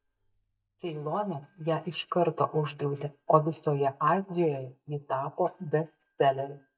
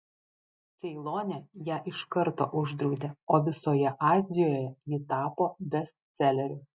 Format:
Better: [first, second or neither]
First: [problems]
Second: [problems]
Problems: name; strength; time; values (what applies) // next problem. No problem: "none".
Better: second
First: noise reduction (neural mask model DeepFilterNet 3)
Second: none